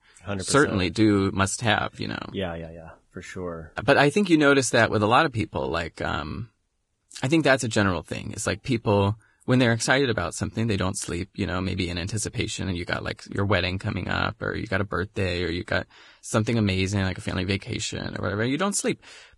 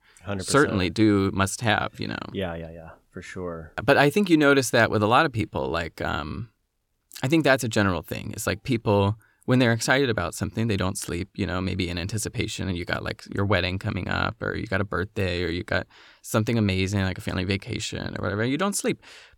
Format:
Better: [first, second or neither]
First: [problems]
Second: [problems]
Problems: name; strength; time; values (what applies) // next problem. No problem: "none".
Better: second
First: garbled, watery; badly; nothing above 10.5 kHz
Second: none